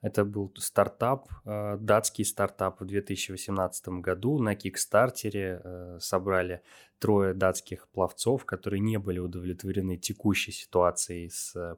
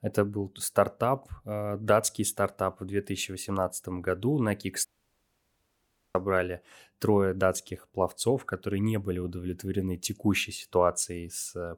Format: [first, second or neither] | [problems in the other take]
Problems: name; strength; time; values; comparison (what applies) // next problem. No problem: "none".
first | audio cutting out; at 5 s for 1.5 s